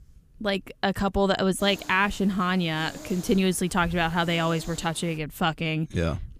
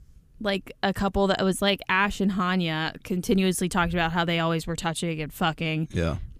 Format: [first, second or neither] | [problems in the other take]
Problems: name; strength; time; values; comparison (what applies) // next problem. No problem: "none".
second | hiss; noticeable; from 1.5 to 5 s; 20 dB below the speech